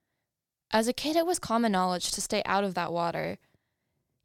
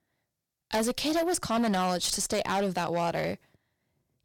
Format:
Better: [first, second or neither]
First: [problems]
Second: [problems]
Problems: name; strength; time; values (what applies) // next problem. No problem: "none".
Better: first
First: none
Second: distortion; heavy; 10% of the sound clipped